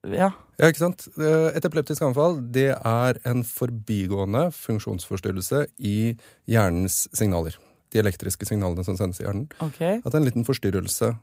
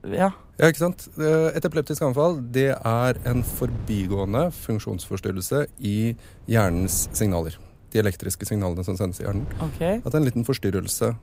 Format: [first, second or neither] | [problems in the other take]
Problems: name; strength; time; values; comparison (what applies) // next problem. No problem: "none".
first | wind noise on the microphone; occasional gusts; 25 dB below the speech